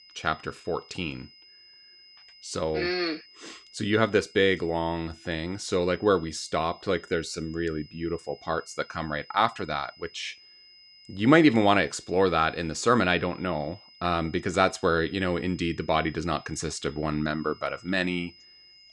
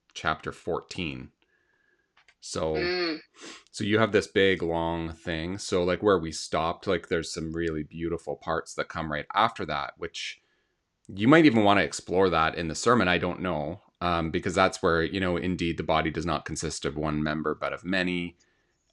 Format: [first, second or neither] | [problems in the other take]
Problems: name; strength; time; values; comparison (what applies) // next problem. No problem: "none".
second | high-pitched whine; faint; throughout; 5 kHz, 25 dB below the speech